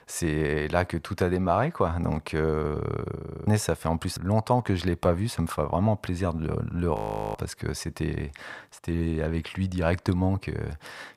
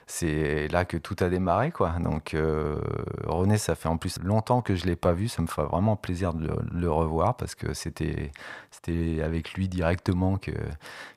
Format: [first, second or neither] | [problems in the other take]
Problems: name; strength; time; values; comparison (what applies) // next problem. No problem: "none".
second | audio freezing; at 3 s and at 7 s